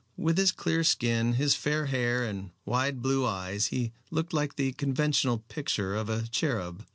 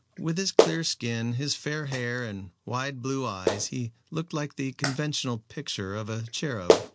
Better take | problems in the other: first | background sound (Clapping); as loud as the speech

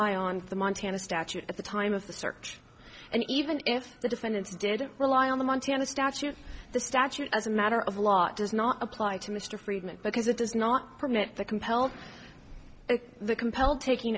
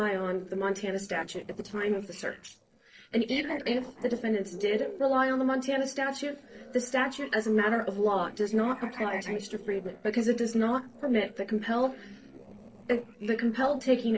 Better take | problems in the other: first | noise reduction (neural separator model SepFormer DNS4)

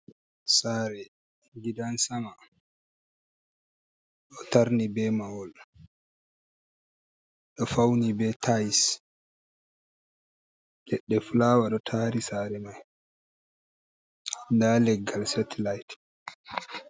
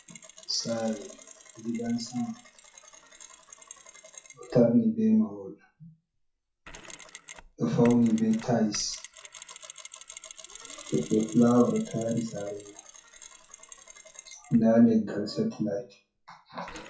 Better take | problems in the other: first | noise reduction (classical method WPE with log-MMSE)

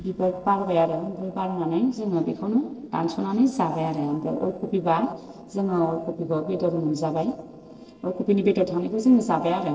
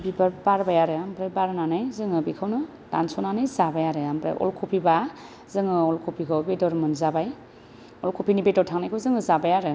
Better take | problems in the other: second | noise reduction (neural separator model SepFormer DNS4)

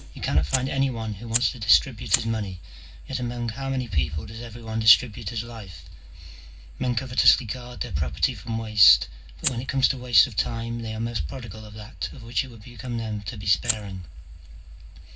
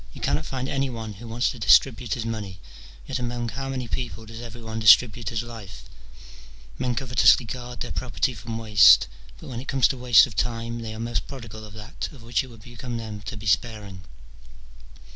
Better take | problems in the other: second | background sound (Fire); 12 dB below the speech // room echo; dies away in 0.4 s

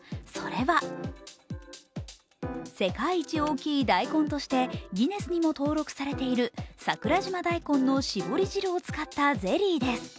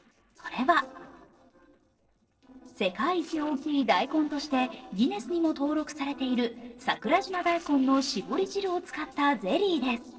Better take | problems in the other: first | noise reduction (neural separator model SepFormer DNS4)

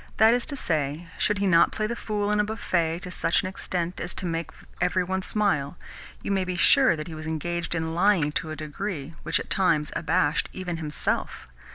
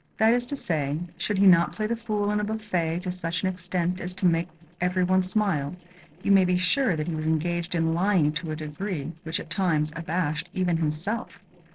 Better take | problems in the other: first | noise reduction (neural separator model SepFormer DNS4)

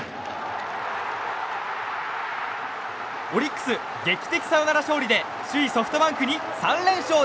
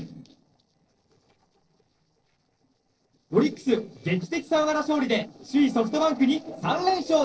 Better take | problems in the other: first | noise reduction (neural separator model SepFormer DNS4)

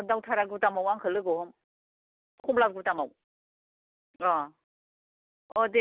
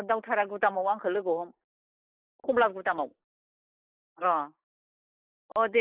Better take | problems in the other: first | noise reduction (neural mask model Resemble Enhance denoiser)

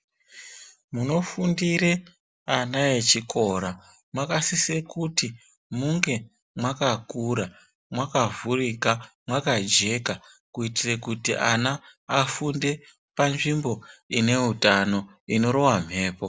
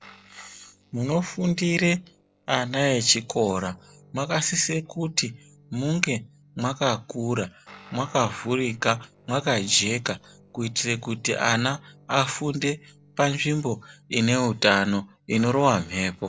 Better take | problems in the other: first | noise reduction (neural separator model SepFormer DNS4)

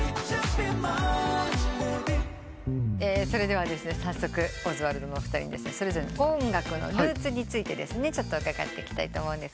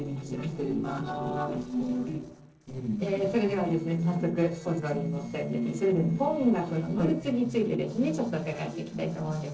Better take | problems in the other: first | noise reduction (neural separator model SepFormer DNS4)

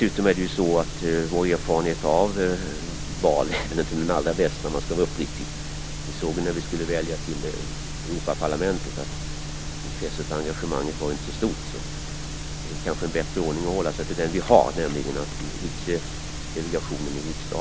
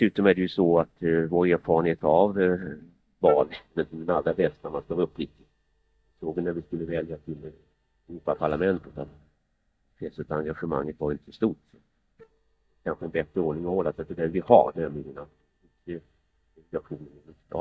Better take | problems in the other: first | noise reduction (neural mask model DeepFilterNet 3)

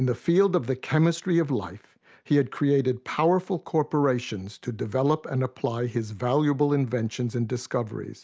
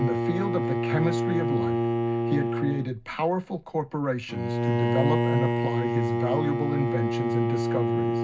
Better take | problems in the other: first | background sound (Bowed string instrument); 3 dB above the speech // room echo; dies away in 0.4 s

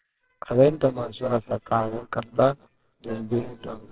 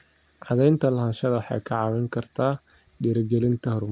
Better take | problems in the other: second | noise reduction (neural separator model SepFormer WHAMR!)

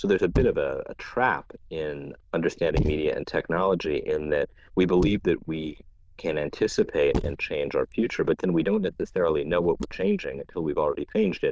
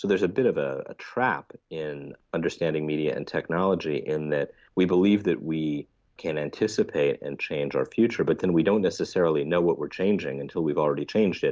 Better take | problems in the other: second | noise reduction (neural diffusion model UNIVERSE++)

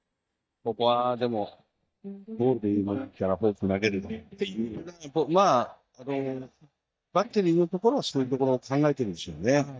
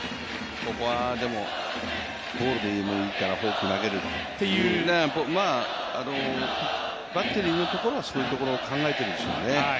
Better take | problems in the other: second | noise reduction (neural mask model DeepFilterNet 3)

